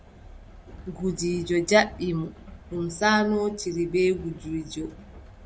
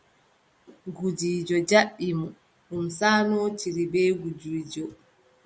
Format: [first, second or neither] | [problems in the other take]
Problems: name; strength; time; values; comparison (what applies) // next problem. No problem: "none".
second | background sound (Train); 18 dB below the speech